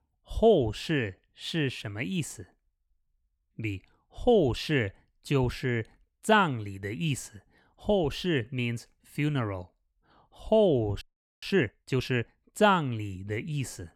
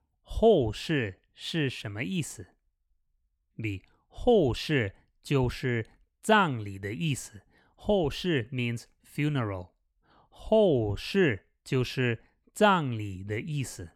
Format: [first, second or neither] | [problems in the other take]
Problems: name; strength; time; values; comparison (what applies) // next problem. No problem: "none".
second | audio freezing; at 11 s